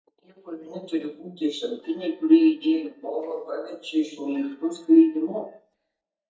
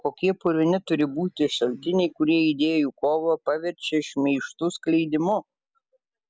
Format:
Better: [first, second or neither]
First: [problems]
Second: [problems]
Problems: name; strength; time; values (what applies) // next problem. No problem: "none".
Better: second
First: noise reduction (neural mask model DeepFilterNet 3)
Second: none